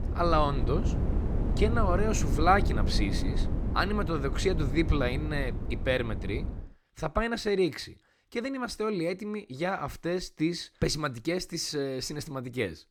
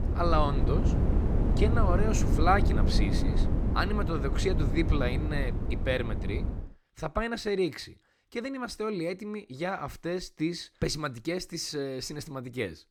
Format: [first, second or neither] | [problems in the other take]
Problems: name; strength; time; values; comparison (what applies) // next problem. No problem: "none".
first | wind noise on the microphone; heavy; until 6.5 s; 6 dB below the speech; occasional gusts in the first